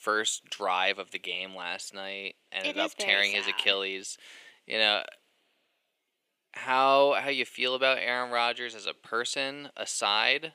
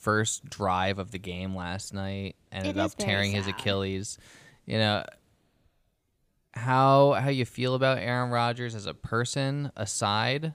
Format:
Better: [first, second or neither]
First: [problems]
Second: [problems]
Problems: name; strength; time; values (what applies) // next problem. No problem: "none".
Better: second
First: thin; somewhat; fading below 350 Hz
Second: none